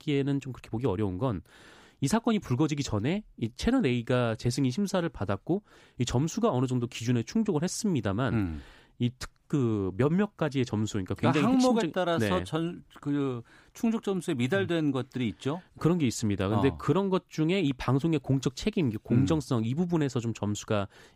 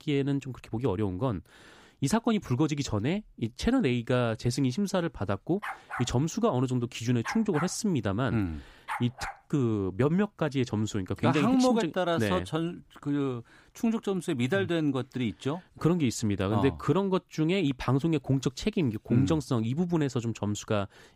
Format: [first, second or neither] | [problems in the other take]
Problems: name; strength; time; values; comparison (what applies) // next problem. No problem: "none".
first | dog barking; noticeable; from 5.5 to 9.5 s; peak 7 dB below the speech